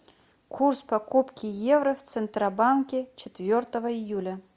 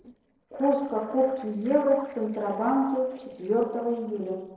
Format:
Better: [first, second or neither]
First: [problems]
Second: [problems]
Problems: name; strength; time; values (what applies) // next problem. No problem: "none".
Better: first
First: none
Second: noise reduction (neural separator model SepFormer DNS4)